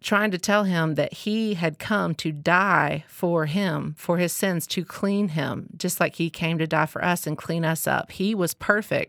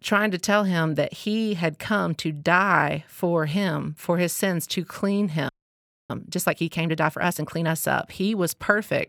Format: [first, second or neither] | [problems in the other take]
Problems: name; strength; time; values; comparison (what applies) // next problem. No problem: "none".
first | audio freezing; at 5.5 s for 0.5 s